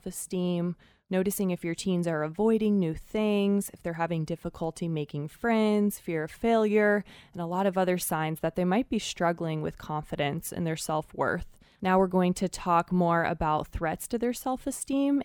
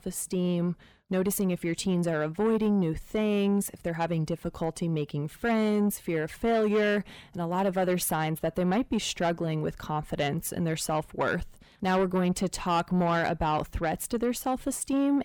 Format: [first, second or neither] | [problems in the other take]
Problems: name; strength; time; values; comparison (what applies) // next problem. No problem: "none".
first | distortion; slight; 10 dB below the speech